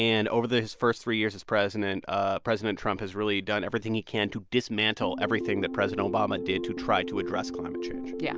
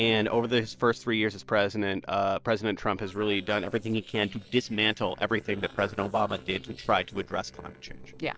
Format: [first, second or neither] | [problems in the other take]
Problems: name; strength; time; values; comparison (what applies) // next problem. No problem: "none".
first | noise reduction (neural separator model SepFormer DNS4)